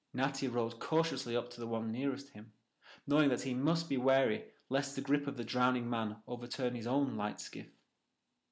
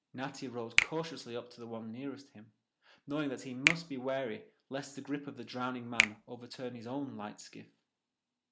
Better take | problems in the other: first | background sound (Finger snapping); 2 dB above the speech

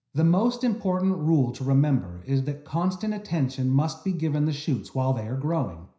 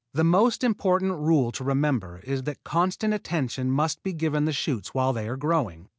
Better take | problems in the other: second | room echo; dies away in 0.5 s

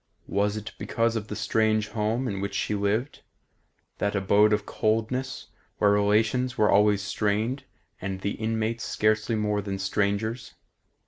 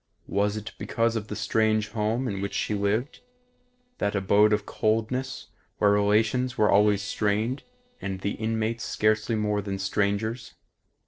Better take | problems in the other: first | noise reduction (neural separator model SepFormer DNS4)

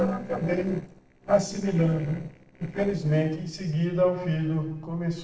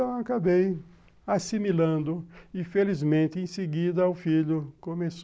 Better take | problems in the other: second | noise reduction (neural separator model SepFormer DNS4)

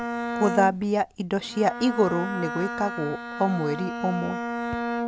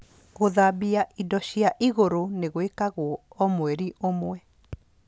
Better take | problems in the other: second | background sound (Bowed string instrument); 5 dB below the speech

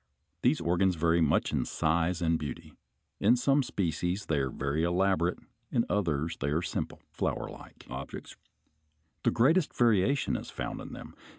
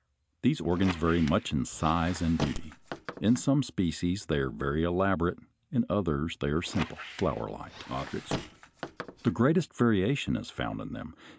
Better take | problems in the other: first | background sound (Squeak + Crack); 11 dB below the speech

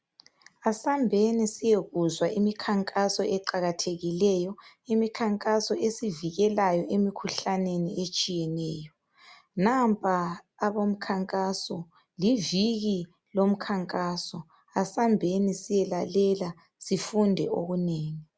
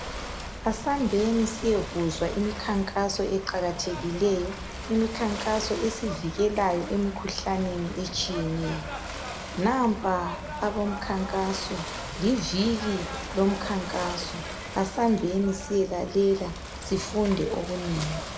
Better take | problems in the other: first | background sound (Ocean / Boat, Water vehicle); 8 dB below the speech // room echo; dies away in 0.6 s

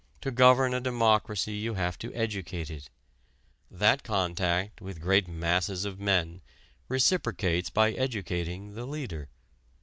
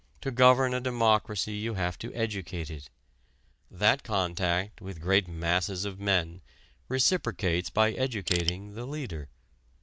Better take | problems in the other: first | background sound (Crushing); 4 dB below the speech

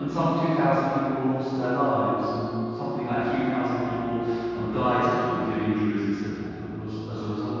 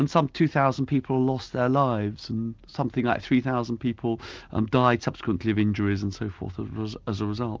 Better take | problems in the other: second | background sound (Wind instrument, woodwind instrument); 11 dB below the speech // room echo; dies away in 2.2 s

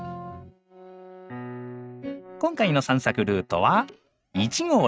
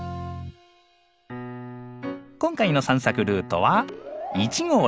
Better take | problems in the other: second | noise reduction (neural mask model RNNoise)

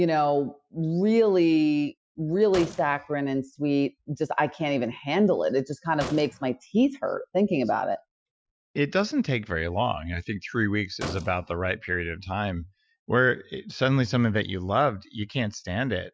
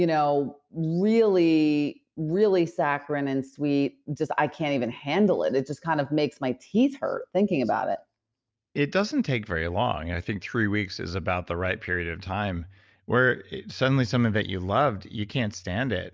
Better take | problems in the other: second | noise reduction (classical method Wiener filter)

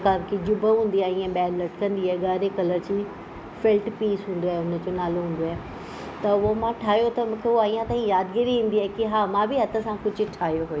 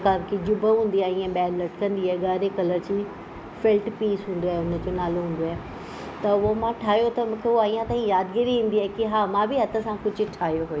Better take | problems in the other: first | background sound (Dog); 14 dB below the speech

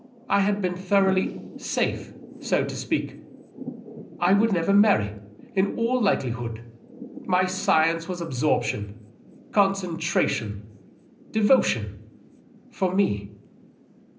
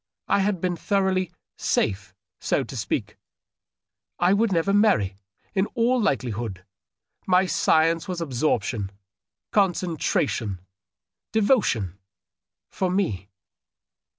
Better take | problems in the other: second | background sound (Thunder / Rain); 16 dB below the speech // room echo; dies away in 0.5 s

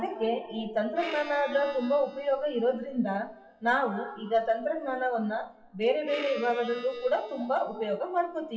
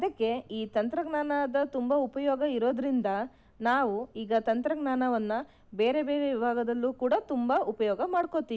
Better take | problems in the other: second | noise reduction (classical method WPE with log-MMSE)

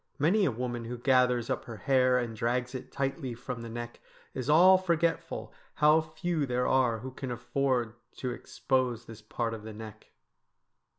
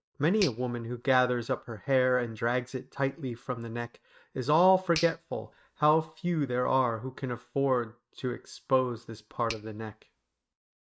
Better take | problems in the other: first | noise reduction (neural mask model RNNoise)

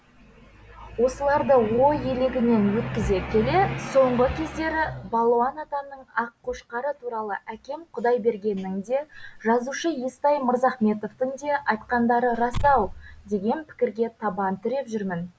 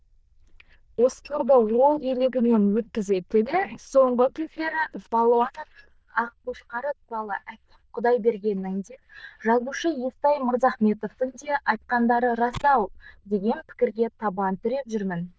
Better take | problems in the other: first | noise reduction (neural diffusion model UNIVERSE++)

